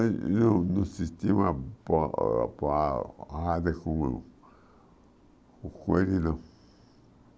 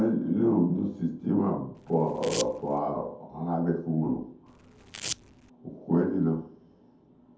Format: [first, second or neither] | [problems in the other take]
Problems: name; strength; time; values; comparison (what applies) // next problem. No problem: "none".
first | background sound (Domestic sounds, home sounds); 11 dB below the speech // room echo; dies away in 0.5 s